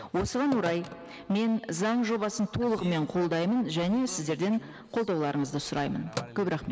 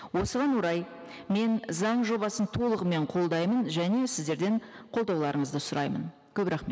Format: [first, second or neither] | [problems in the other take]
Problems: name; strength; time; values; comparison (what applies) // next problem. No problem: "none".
second | background sound (Telephone); 16 dB below the speech